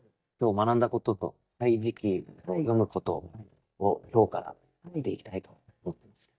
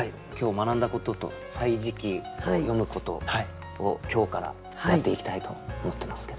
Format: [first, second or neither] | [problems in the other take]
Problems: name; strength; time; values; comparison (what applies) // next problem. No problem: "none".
second | noise reduction (neural mask model DeepFilterNet 3)